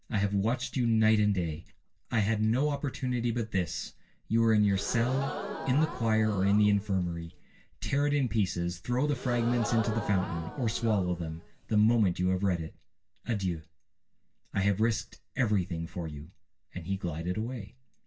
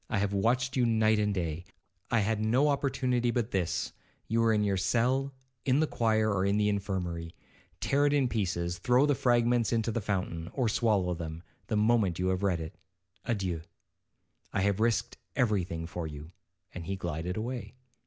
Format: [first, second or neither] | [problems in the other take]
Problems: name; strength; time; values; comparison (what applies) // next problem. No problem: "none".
second | background sound (Crowd / Gasp); 11 dB below the speech // room echo; dies away in 0.1 s